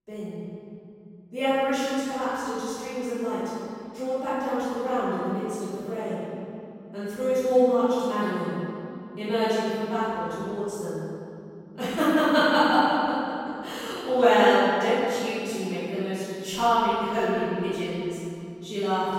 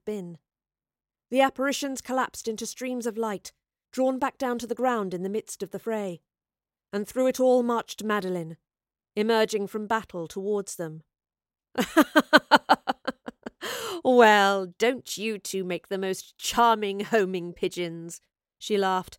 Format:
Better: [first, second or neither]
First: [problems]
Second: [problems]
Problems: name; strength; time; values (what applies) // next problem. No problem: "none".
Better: second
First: room echo; strong; dies away in 2.9 s // off-mic speech; far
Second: none